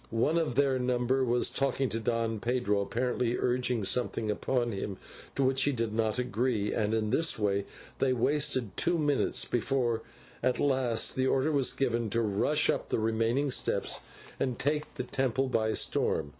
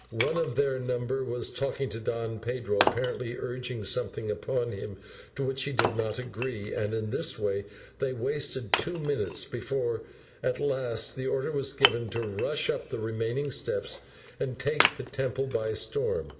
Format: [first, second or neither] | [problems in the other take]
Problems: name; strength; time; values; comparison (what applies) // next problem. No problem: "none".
first | background sound (Wood); 6 dB below the speech // room echo; dies away in 2.1 s